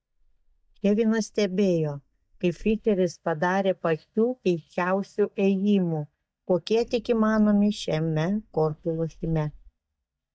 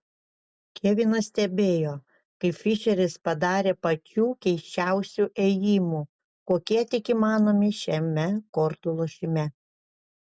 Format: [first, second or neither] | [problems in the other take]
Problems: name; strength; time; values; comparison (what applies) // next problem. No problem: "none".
second | noise reduction (neural mask model DeepFilterNet 3)